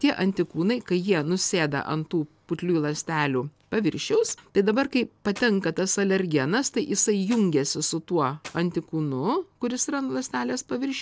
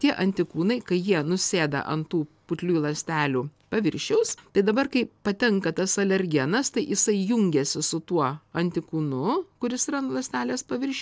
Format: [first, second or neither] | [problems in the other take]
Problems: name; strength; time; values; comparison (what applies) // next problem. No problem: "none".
second | background sound (Clapping); 19 dB below the speech